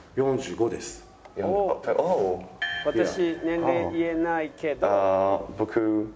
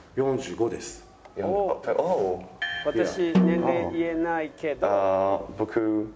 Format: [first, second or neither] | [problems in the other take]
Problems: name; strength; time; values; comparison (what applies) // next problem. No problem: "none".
first | background sound (Snare drum); 2 dB below the speech